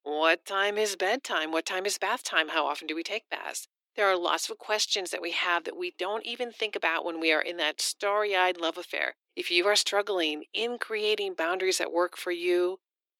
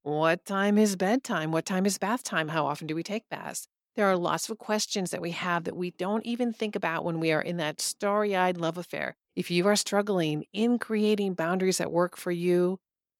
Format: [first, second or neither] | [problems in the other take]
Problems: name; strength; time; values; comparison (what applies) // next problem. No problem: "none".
second | thin; very; fading below 300 Hz